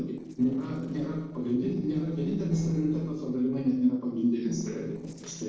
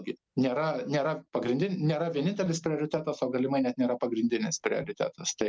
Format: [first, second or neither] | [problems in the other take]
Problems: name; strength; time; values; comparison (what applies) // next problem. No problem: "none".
second | noise reduction (neural separator model SepFormer DNS4)